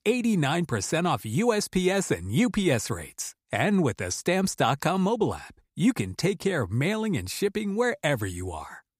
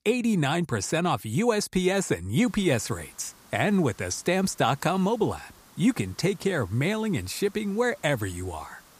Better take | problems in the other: first | hiss; faint; from 2.5 s on; 25 dB below the speech

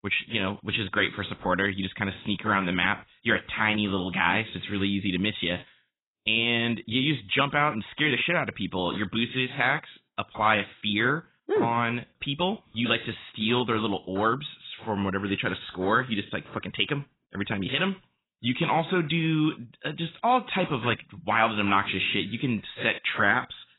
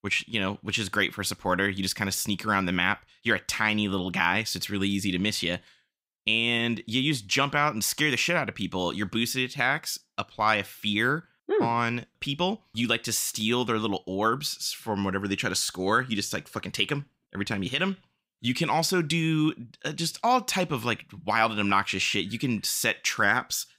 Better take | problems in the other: second | garbled, watery; badly; nothing above 4 kHz

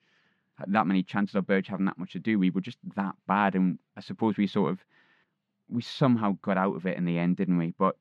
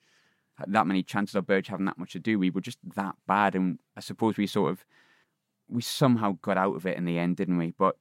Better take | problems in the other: second | muffled; very slightly; fading above 3 kHz

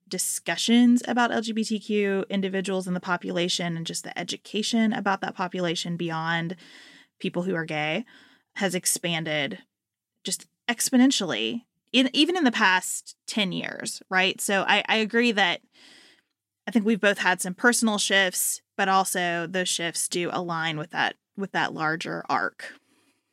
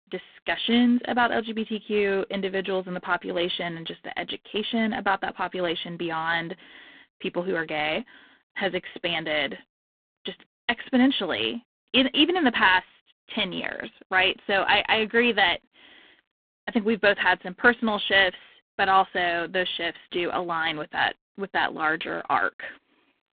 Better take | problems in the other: first | phone-call audio; poor line

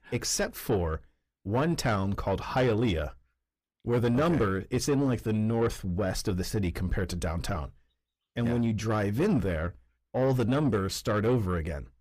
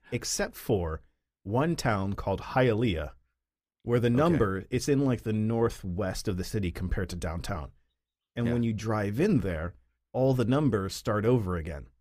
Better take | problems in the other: second | distortion; slight; 10 dB below the speech

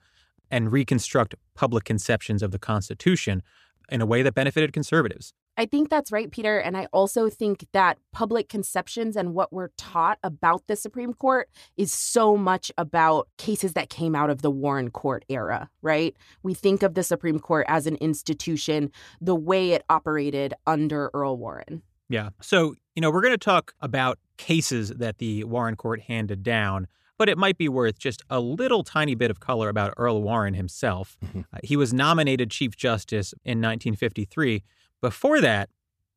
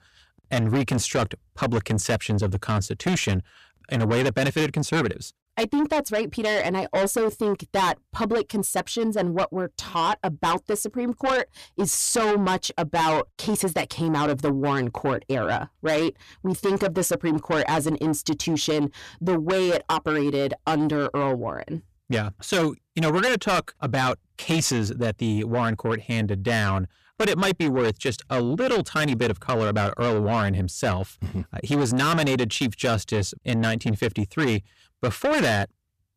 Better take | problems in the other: first | distortion; heavy; 7 dB below the speech

